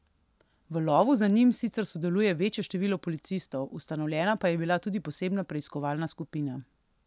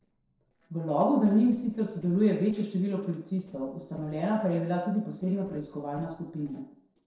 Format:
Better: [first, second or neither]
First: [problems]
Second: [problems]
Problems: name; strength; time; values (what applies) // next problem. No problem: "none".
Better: first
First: none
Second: noise reduction (neural separator model SepFormer DNS4)